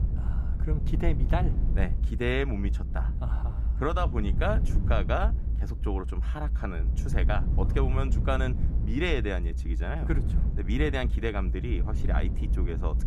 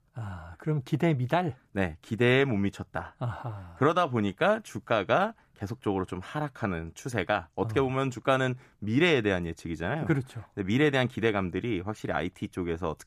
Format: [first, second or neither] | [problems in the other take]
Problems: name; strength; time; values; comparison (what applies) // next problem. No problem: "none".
second | low rumble; noticeable; throughout; 10 dB below the speech